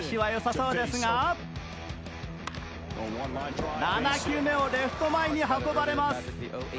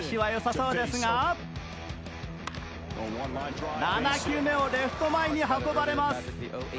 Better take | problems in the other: second | background sound (Knock / Wood); 17 dB below the speech

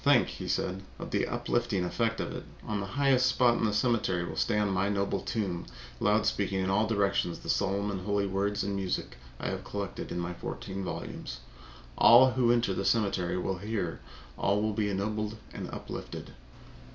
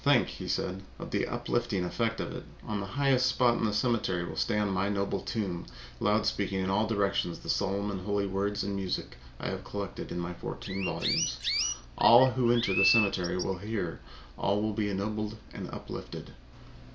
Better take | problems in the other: first | background sound (Chirp, tweet); 4 dB below the speech

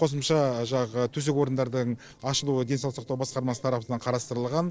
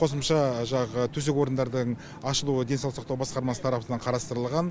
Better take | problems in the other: second | noise reduction (neural separator model SepFormer DNS4)

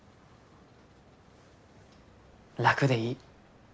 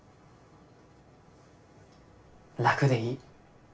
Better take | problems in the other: first | room echo; dies away in 0.2 s

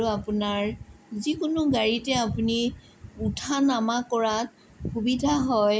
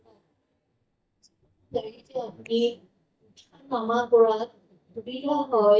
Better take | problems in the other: first | noise reduction (neural mask model DeepFilterNet 3)

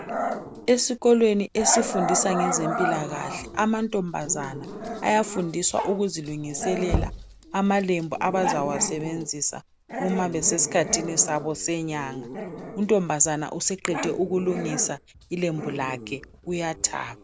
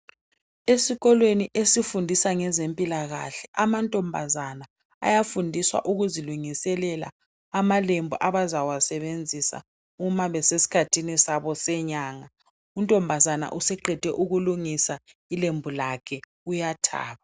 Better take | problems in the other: second | background sound (Knock + Growling); 7 dB below the speech

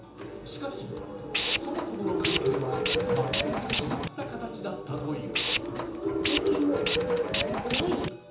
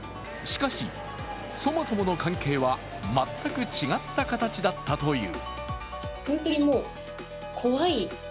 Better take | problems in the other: second | background sound (Tools); 5 dB above the speech // room echo; dies away in 0.6 s

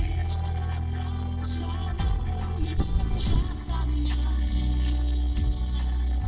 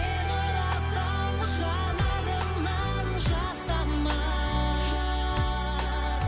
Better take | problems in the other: second | noise reduction (neural separator model SepFormer DNS4)

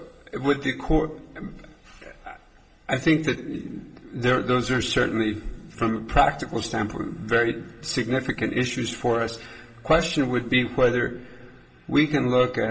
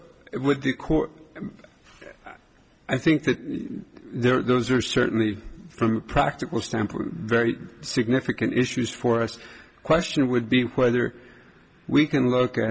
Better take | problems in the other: second | room echo; dies away in 1.8 s

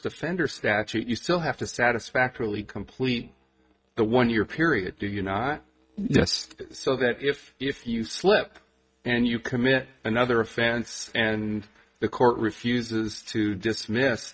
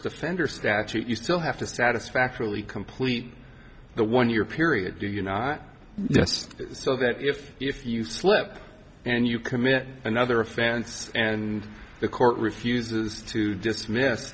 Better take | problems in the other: second | noise reduction (neural mask model RNNoise)

